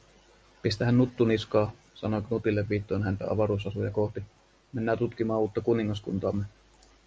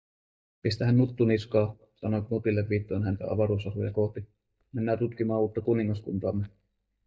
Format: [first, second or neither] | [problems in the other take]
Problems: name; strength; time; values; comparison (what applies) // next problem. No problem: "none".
first | noise reduction (neural mask model DeepFilterNet 3)